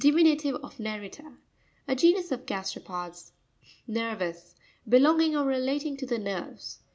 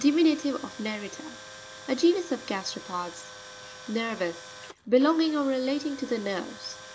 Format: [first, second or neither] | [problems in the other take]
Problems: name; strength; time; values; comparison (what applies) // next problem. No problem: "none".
first | background sound (Tools); 17 dB below the speech